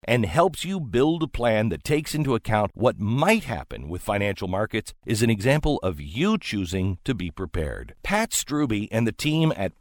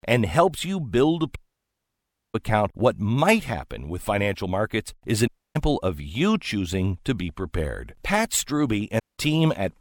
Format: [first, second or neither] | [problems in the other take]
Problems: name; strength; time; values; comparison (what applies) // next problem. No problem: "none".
first | audio cutting out; at 1.5 s for 1 s, at 5.5 s and at 9 s